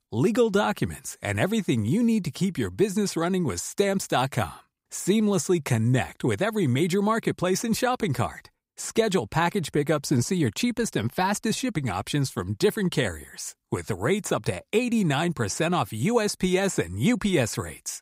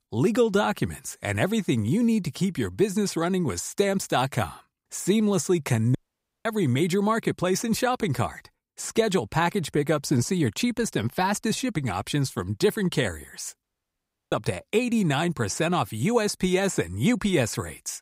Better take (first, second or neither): first